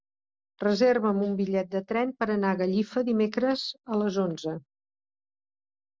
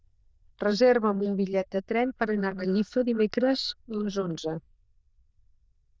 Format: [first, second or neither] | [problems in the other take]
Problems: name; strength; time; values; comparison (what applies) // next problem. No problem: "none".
first | noise reduction (neural diffusion model UNIVERSE++)